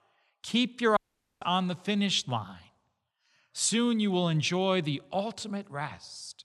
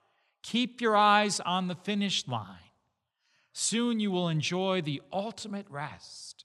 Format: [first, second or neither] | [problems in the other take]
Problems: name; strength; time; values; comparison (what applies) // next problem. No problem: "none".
second | audio cutting out; at 1 s